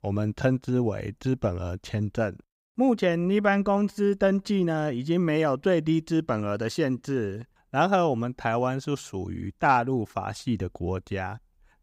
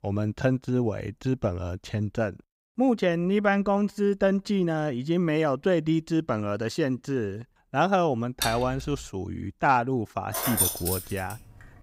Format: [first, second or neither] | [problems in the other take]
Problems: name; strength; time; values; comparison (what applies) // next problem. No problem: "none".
first | clattering dishes; noticeable; at 8.5 s; peak 4 dB below the speech // jangling keys; loud; at 10 s; peak 3 dB above the speech